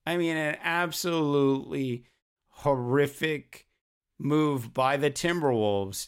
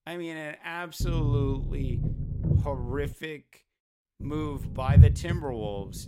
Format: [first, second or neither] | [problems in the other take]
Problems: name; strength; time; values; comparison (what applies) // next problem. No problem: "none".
first | low rumble; loud; from 1 to 3 s and from 4 s on; 4 dB below the speech